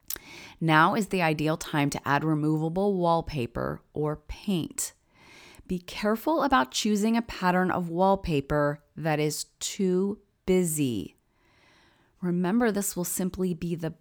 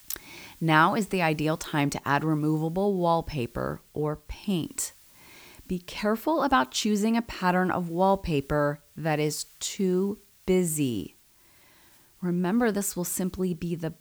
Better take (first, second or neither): first